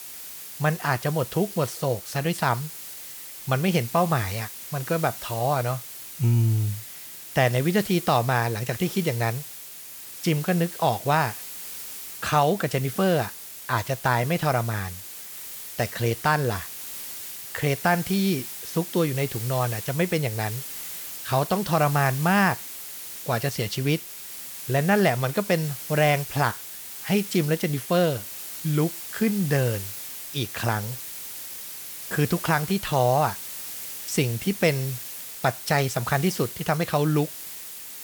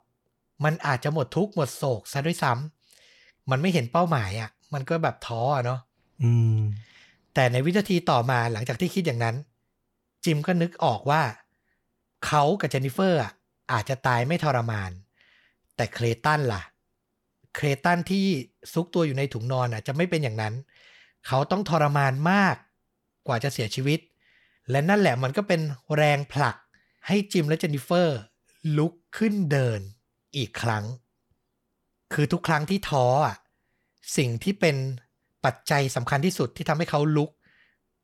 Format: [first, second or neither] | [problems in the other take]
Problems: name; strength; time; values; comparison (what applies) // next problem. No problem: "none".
second | hiss; loud; throughout; 10 dB below the speech